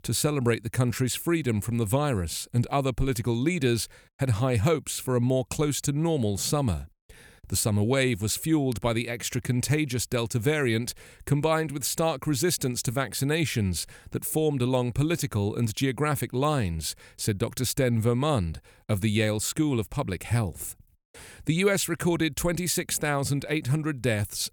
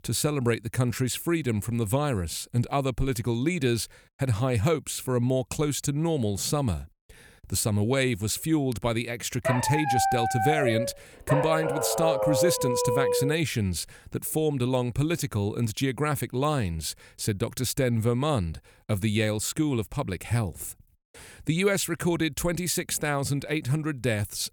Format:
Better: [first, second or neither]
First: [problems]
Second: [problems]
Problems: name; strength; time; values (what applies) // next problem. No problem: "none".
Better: first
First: none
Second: dog barking; loud; from 9.5 to 13 s; peak 3 dB above the speech